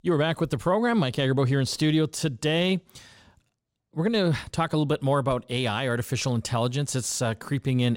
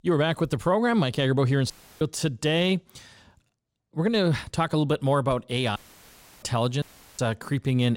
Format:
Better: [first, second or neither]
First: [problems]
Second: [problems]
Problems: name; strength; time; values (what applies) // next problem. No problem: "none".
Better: first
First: none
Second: audio cutting out; at 1.5 s, at 6 s for 0.5 s and at 7 s